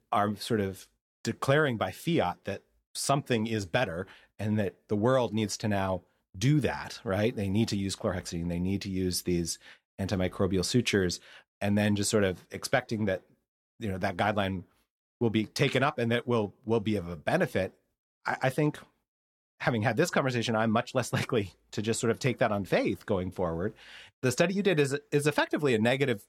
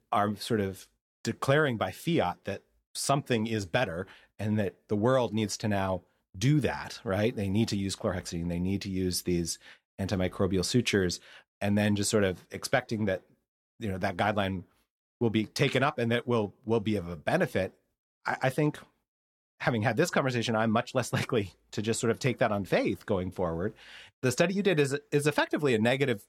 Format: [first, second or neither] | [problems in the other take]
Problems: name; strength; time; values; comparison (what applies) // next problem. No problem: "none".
neither | none